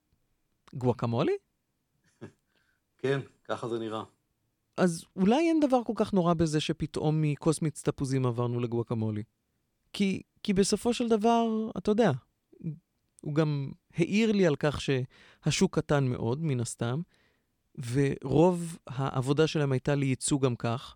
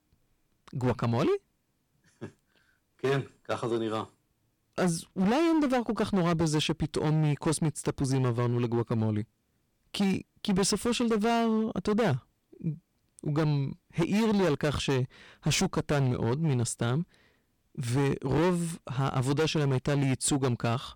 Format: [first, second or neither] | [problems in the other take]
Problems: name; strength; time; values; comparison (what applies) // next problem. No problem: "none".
first | distortion; heavy; 13% of the sound clipped